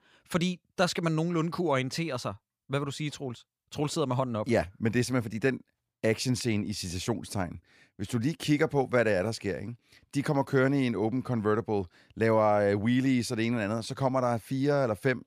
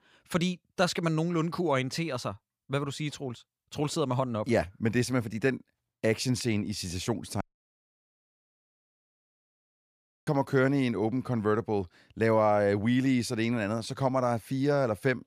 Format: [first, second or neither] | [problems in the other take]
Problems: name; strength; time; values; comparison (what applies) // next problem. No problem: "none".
first | audio cutting out; at 7.5 s for 3 s